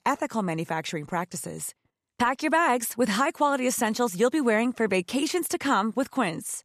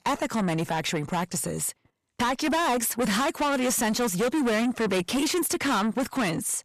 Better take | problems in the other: first | distortion; heavy; 6 dB below the speech

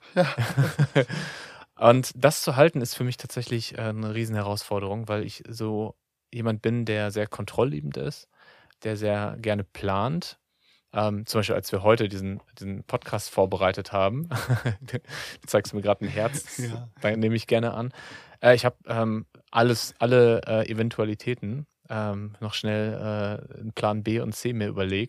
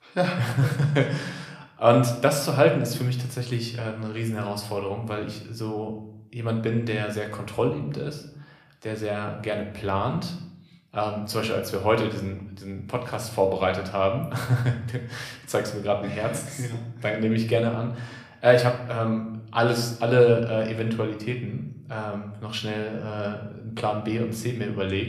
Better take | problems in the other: first | room echo; slight; dies away in 0.6 s

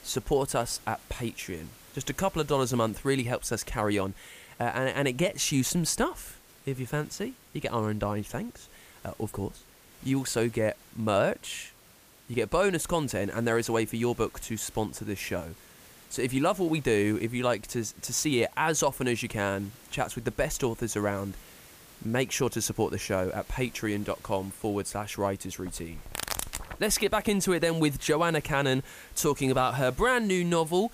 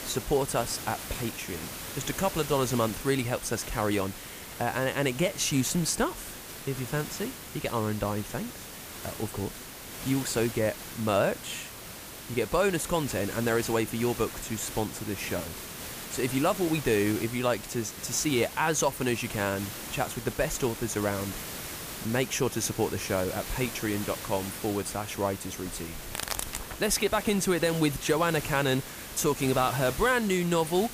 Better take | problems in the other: first | hiss; loud; throughout; 9 dB below the speech; faint in the first

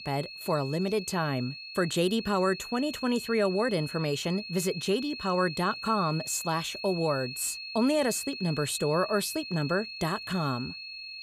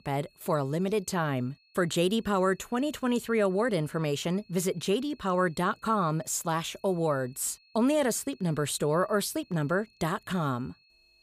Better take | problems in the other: second | high-pitched whine; loud; throughout; 4.5 kHz, 9 dB below the speech; faint in the second

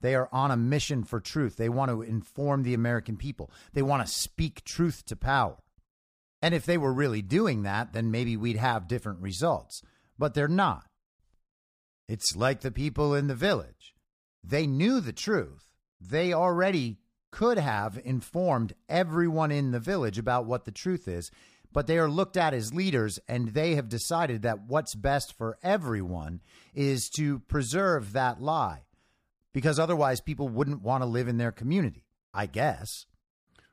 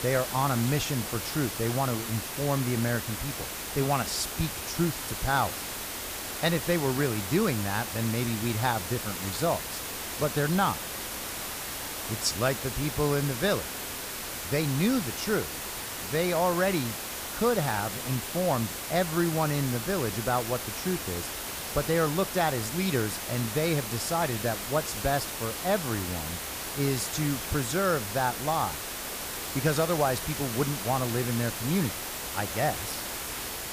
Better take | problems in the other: first | hiss; loud; throughout; 4 dB below the speech

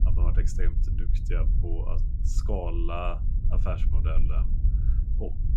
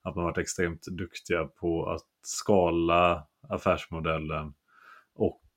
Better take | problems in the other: second | low rumble; loud; throughout; 8 dB below the speech

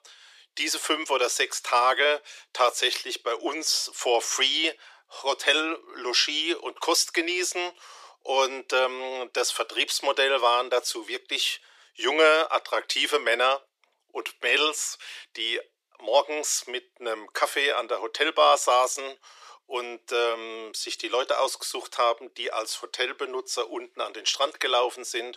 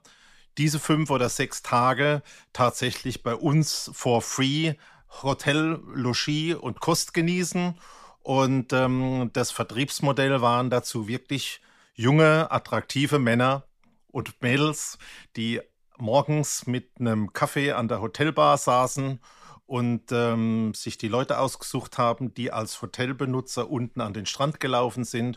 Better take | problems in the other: second | thin; very; fading below 350 Hz

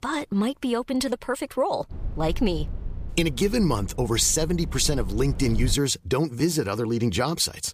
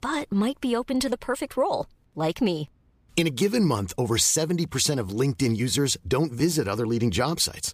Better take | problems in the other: second | low rumble; faint; from 2 to 5.5 s; 20 dB below the speech

